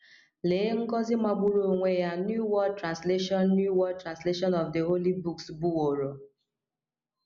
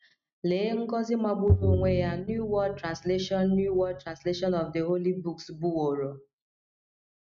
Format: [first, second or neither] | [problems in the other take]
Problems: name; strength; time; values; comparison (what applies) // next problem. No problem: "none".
first | noise reduction (neural mask model RNNoise)